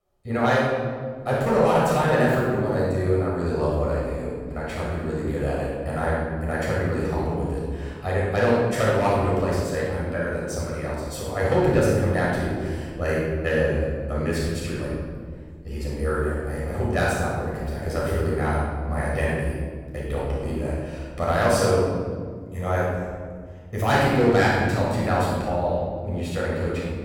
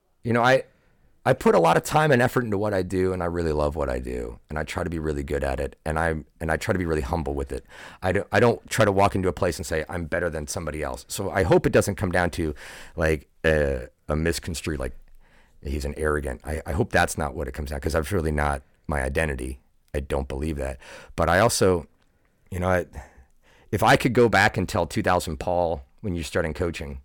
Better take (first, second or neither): second